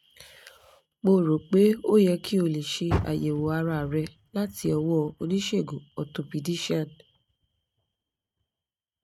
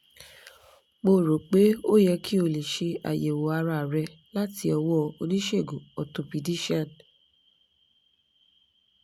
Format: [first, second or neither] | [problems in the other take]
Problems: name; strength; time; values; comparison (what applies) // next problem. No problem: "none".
second | noise reduction (neural mask model RNNoise)